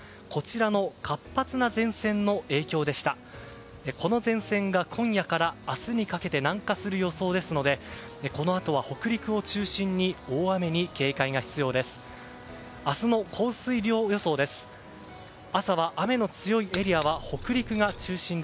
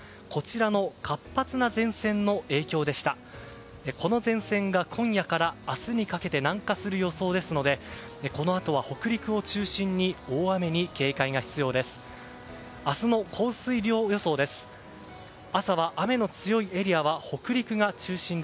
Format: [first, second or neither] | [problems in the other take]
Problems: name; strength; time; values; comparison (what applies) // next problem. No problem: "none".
second | background sound (Keys jangling); 12 dB below the speech